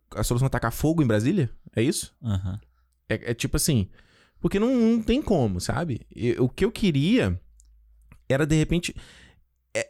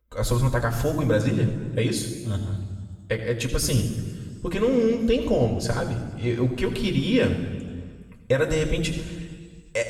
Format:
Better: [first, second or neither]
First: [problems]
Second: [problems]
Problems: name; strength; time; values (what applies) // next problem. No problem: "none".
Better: first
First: none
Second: room echo; noticeable; dies away in 1.5 s // off-mic speech; somewhat distant